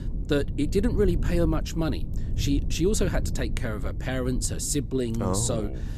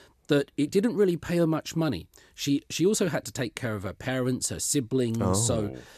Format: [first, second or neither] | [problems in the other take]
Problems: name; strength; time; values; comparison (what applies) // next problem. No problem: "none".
second | low rumble; noticeable; throughout; 15 dB below the speech